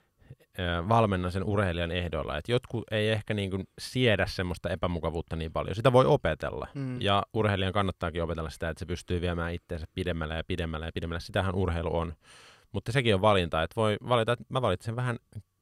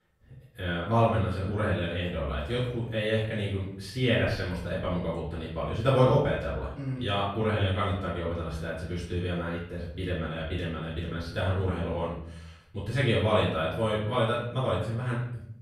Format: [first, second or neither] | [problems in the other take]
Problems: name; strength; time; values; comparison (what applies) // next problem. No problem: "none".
first | off-mic speech; far // room echo; noticeable; dies away in 0.6 s